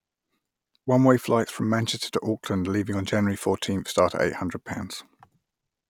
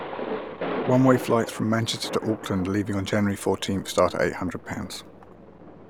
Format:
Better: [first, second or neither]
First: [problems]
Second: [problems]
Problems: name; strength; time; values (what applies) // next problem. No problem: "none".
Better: first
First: none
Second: background sound (Thunder); 10 dB below the speech